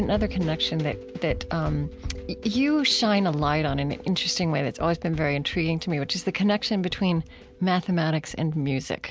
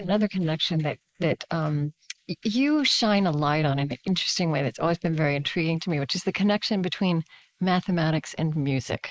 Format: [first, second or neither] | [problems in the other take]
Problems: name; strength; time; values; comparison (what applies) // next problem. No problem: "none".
first | noise reduction (neural mask model Resemble Enhance denoiser)